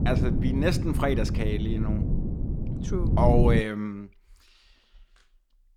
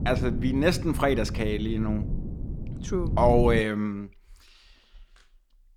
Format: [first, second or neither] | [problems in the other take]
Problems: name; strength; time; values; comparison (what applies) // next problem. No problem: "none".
second | wind noise on the microphone; heavy; until 3.5 s; 7 dB below the speech; occasional gusts in the second